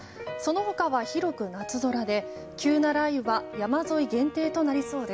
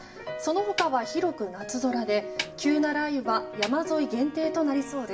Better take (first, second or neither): first